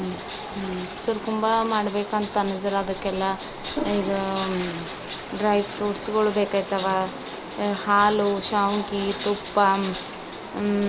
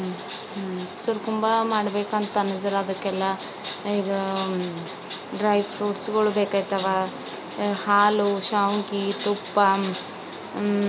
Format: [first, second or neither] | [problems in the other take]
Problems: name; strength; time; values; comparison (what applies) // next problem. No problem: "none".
second | background sound (Toilet flush / Water); 14 dB below the speech